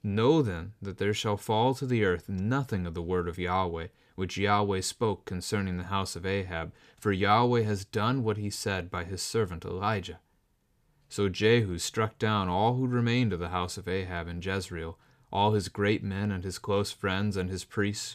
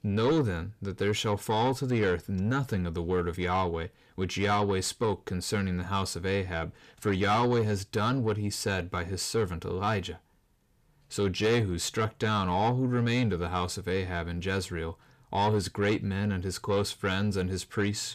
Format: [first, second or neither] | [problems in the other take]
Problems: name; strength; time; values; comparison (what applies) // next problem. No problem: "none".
first | distortion; slight; 10 dB below the speech